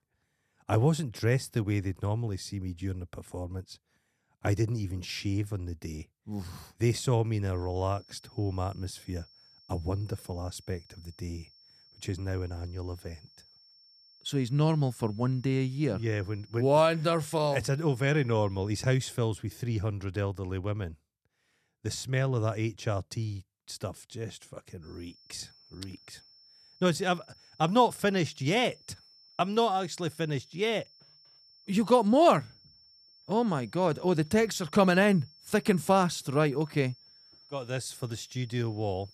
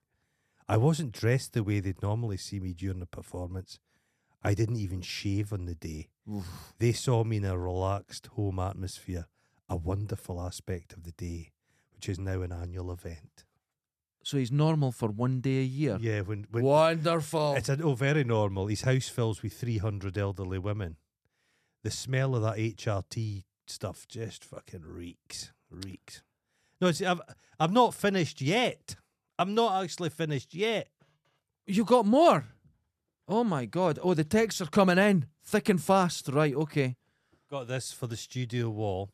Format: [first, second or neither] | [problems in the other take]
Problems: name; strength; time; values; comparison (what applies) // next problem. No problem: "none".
second | high-pitched whine; faint; from 7.5 to 19 s and from 25 s on; 5.5 kHz, 25 dB below the speech